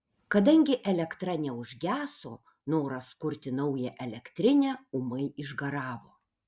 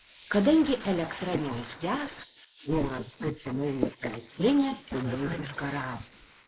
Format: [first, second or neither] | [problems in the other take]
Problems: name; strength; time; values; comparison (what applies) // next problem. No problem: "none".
first | noise reduction (neural mask model Resemble Enhance denoiser)